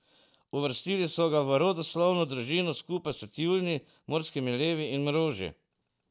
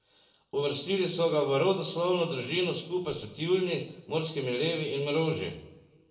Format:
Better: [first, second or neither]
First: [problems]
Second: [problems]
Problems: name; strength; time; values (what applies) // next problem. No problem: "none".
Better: first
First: none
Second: room echo; dies away in 0.7 s